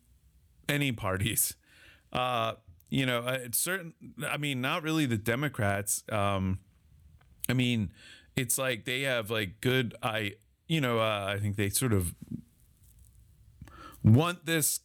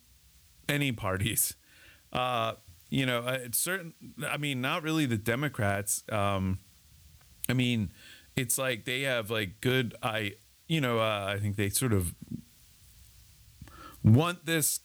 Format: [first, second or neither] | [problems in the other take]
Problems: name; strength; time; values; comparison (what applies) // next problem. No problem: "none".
first | hiss; faint; throughout; 30 dB below the speech